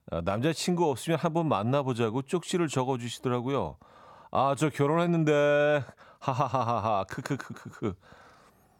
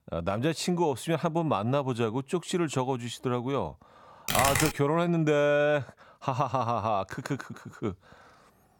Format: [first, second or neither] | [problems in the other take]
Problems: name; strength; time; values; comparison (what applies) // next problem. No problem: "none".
first | keyboard typing; loud; at 4.5 s; peak 3 dB above the speech